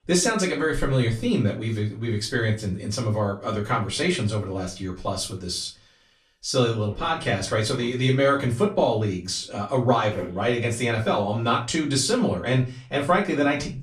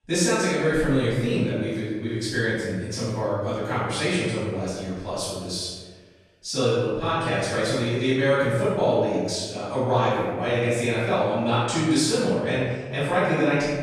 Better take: first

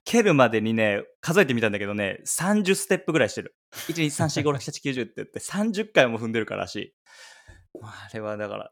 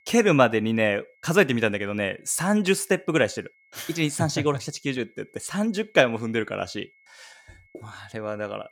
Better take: first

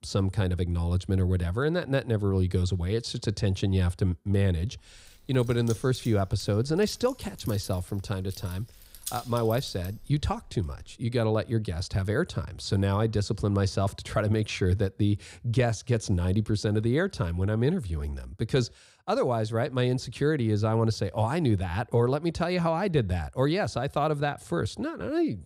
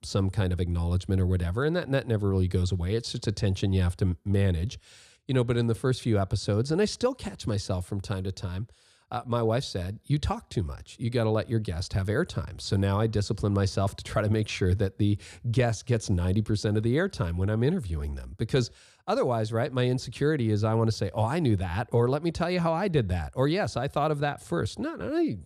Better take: second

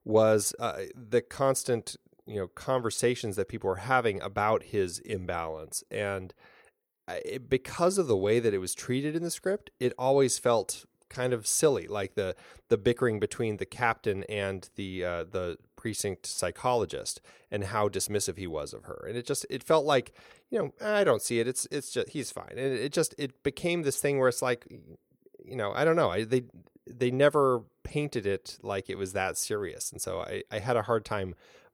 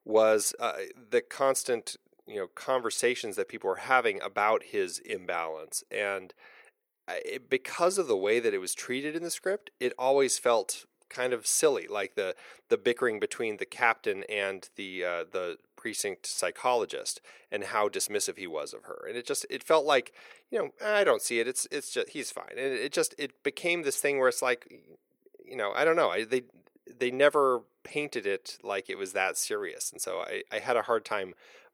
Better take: first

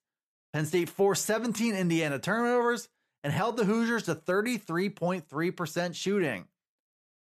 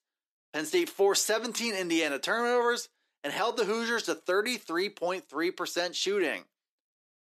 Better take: first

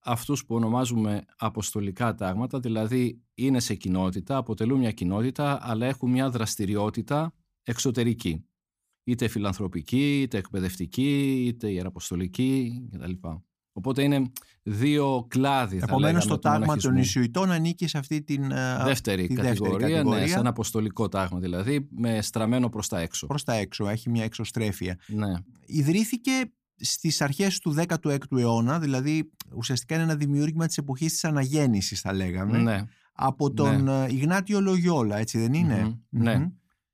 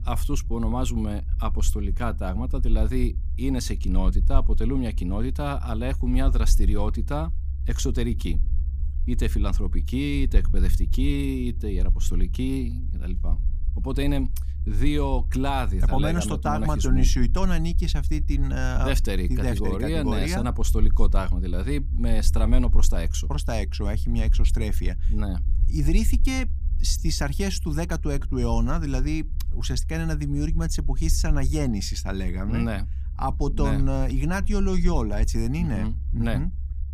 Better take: first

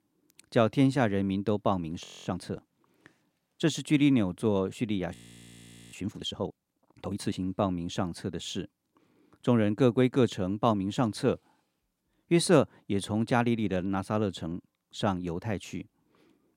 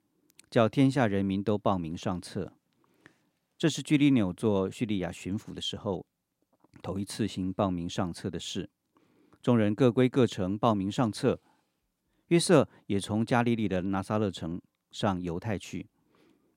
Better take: second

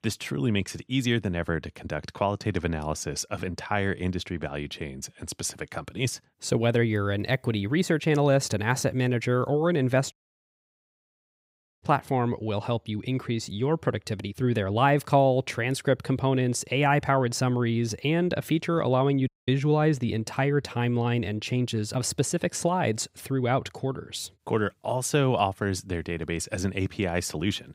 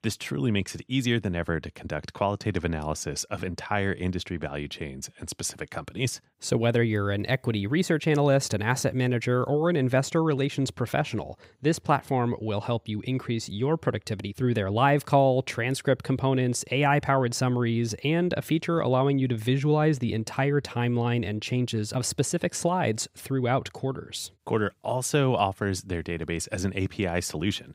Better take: second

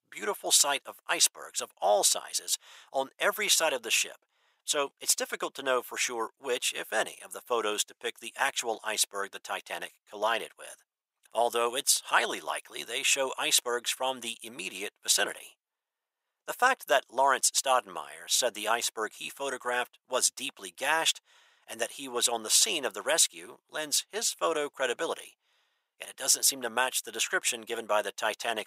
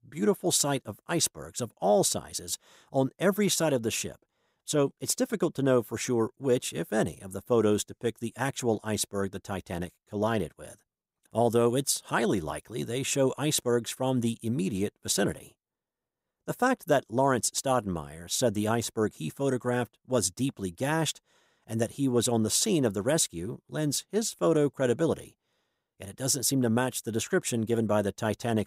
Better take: second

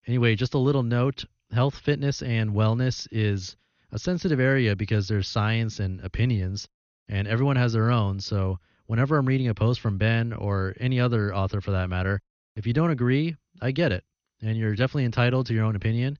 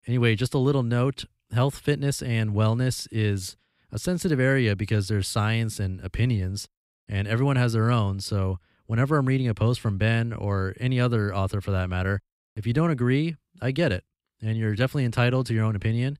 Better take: second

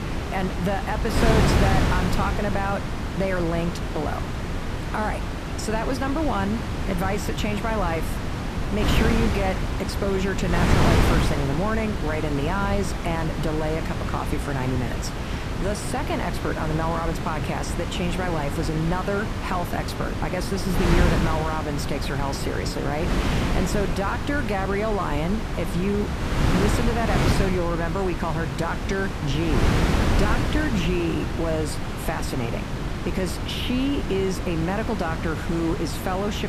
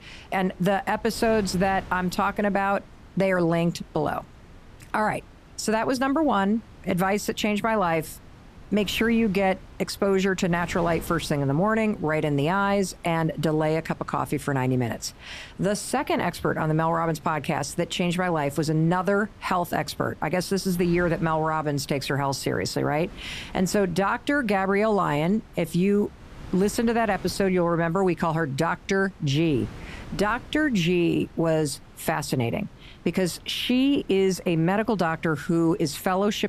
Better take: second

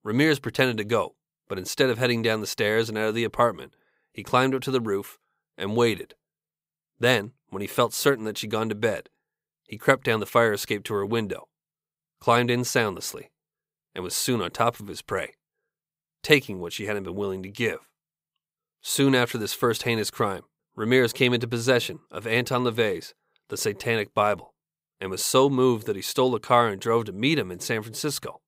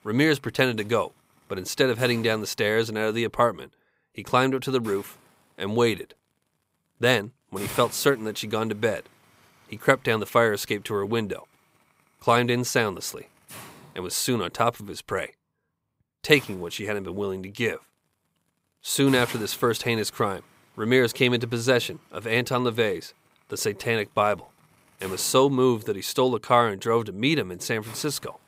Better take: first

